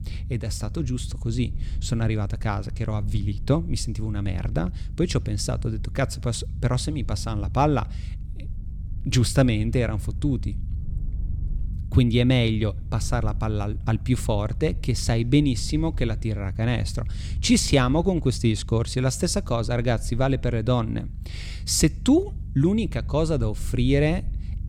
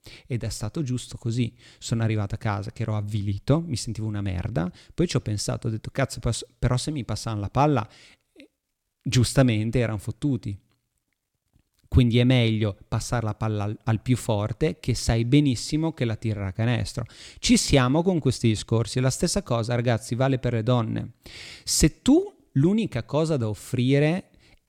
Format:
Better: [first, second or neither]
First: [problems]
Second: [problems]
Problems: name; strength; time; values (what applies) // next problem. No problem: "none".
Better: second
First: low rumble; faint; throughout; 20 dB below the speech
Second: none